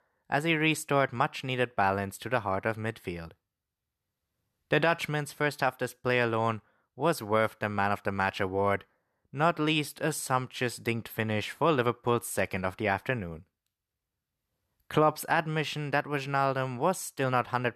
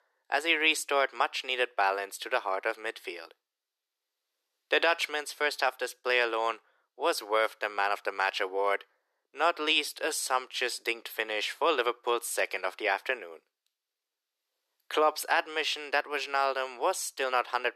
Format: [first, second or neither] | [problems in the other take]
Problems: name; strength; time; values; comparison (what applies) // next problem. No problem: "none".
first | thin; very; fading below 350 Hz